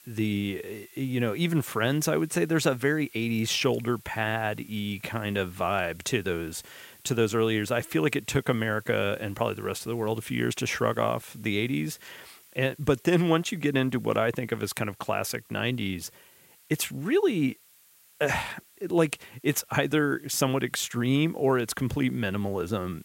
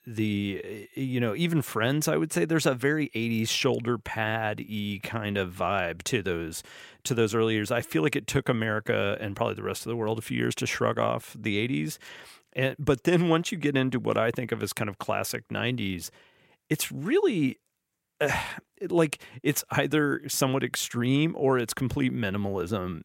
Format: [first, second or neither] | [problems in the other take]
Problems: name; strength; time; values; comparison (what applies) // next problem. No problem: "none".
second | hiss; faint; throughout; 25 dB below the speech